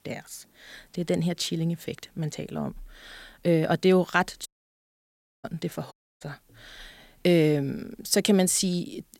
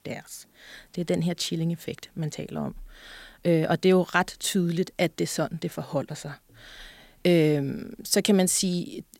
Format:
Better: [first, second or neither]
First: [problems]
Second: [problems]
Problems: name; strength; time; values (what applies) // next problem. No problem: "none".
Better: second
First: audio cutting out; at 4.5 s for 1 s and at 6 s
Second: none